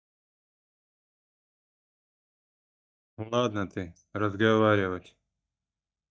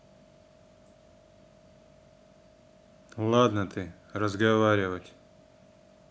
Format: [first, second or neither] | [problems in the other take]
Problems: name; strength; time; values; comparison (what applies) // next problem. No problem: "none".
second | noise reduction (neural mask model DeepFilterNet 3)